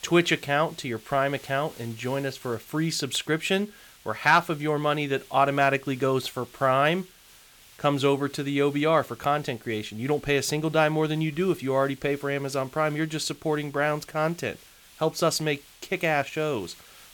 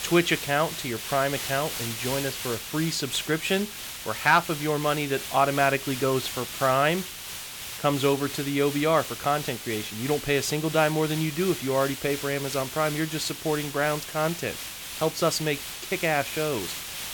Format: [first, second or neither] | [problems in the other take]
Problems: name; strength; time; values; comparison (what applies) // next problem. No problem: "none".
first | hiss; loud; throughout; 7 dB below the speech; faint in the first